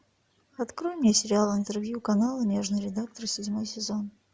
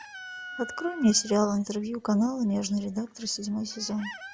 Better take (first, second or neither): first